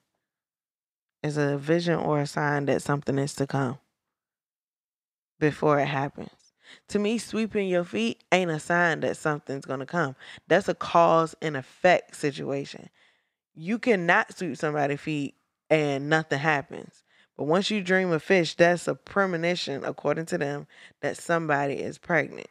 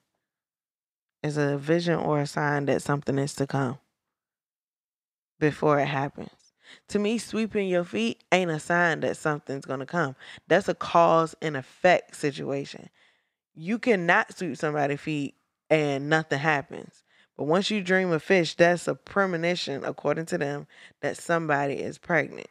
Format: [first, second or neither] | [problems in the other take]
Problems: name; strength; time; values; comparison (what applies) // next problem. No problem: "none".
neither | none